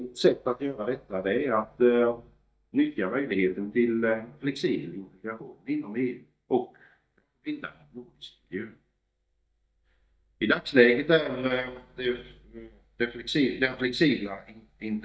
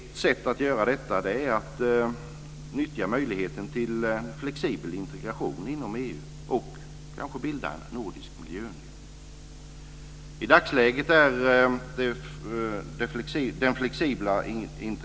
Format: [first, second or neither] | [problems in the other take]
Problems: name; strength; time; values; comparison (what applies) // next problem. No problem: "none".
second | noise reduction (neural mask model DeepFilterNet 3)